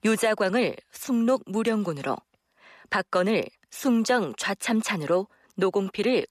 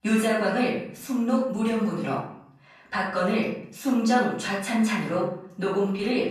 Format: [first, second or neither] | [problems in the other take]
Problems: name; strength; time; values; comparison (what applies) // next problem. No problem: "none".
first | off-mic speech; far // room echo; noticeable; dies away in 0.7 s